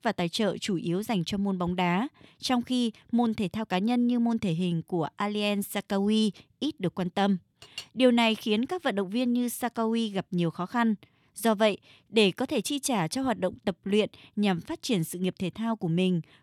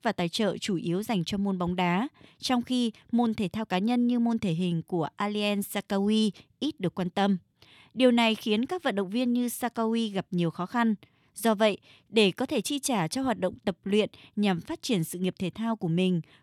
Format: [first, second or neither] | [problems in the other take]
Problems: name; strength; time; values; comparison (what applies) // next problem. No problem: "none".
second | clattering dishes; faint; at 7.5 s; peak 15 dB below the speech